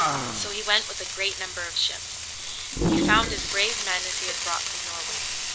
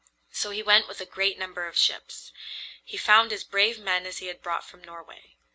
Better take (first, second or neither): second